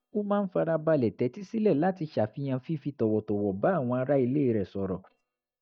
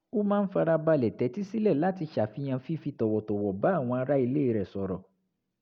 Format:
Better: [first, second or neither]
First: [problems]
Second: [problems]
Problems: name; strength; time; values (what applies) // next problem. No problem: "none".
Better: second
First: noise reduction (neural mask model DeepFilterNet 3)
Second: none